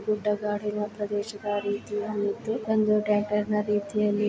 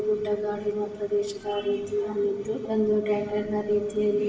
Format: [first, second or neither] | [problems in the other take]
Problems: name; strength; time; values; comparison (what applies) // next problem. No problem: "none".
first | room echo; dies away in 0.8 s